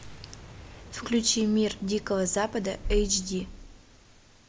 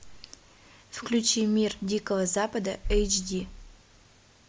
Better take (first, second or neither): second